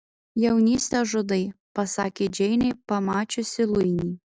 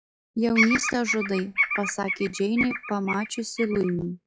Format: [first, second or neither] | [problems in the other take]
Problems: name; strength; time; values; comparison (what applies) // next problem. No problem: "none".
first | noise reduction (classical method log-MMSE)